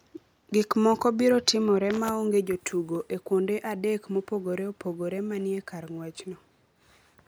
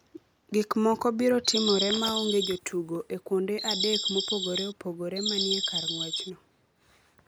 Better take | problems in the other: first | background sound (Bird vocalization, bird call, bird song); 1 dB below the speech

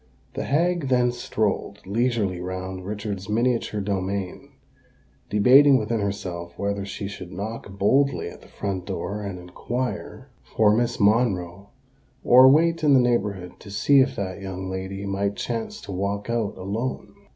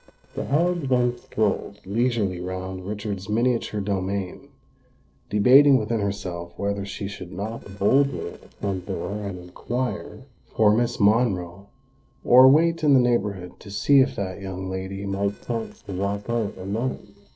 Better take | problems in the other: first | noise reduction (neural separator model SepFormer DNS4)

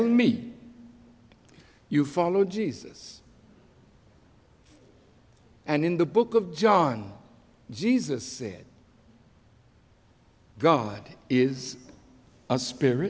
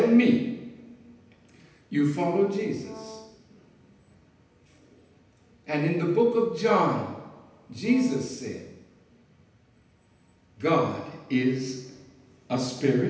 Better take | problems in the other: first | background sound (Brass instrument); 18 dB below the speech // room echo; dies away in 0.9 s

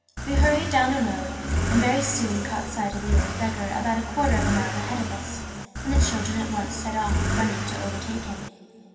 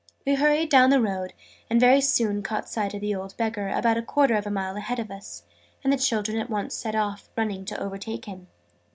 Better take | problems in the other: second | background sound (Accelerating, revving, vroom / Car); 1 dB above the speech // room echo; dies away in 2.4 s

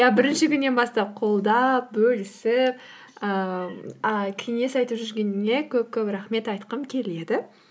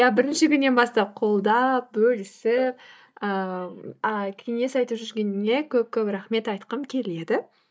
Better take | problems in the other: first | noise reduction (neural mask model DeepFilterNet 3)

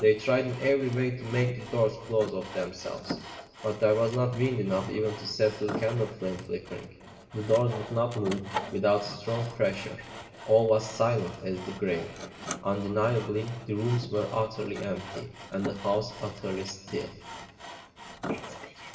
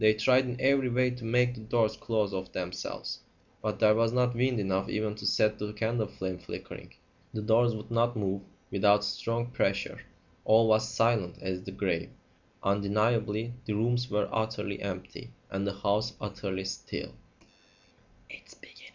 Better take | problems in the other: second | background sound (Sawing); 13 dB below the speech // room echo; dies away in 1.8 s

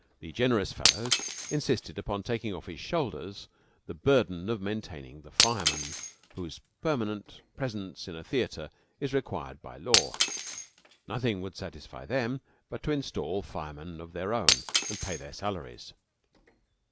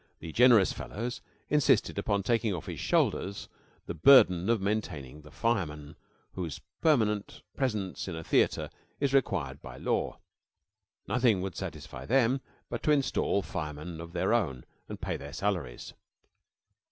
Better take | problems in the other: second | background sound (Shatter); 2 dB below the speech

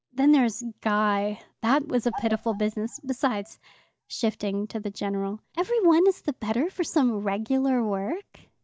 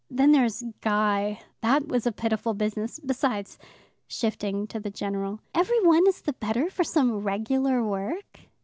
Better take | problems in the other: second | noise reduction (neural mask model DeepFilterNet 3)

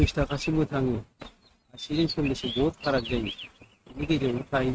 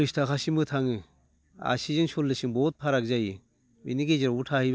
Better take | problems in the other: second | noise reduction (neural mask model RNNoise)

